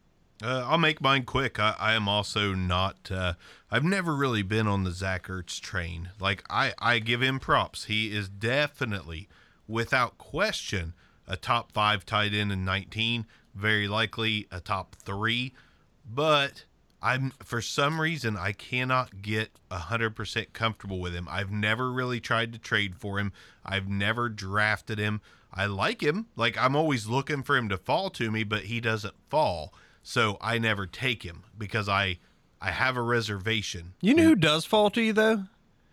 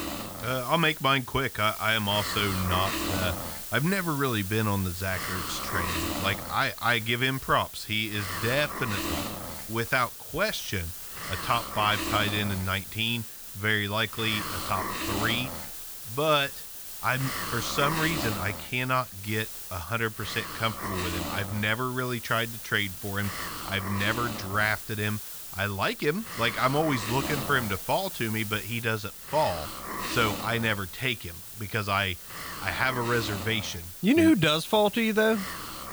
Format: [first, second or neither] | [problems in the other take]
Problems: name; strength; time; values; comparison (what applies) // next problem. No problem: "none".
first | hiss; loud; throughout; 6 dB below the speech